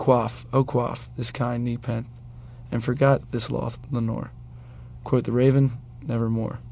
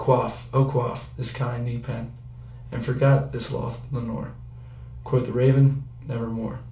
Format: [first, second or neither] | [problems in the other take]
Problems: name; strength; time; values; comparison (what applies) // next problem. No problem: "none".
first | room echo; dies away in 0.3 s